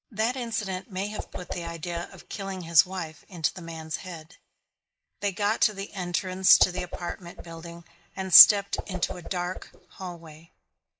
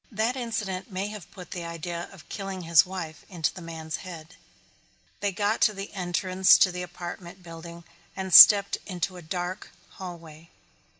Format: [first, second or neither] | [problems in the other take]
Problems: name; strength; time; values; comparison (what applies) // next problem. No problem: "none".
second | noise reduction (neural mask model Resemble Enhance denoiser)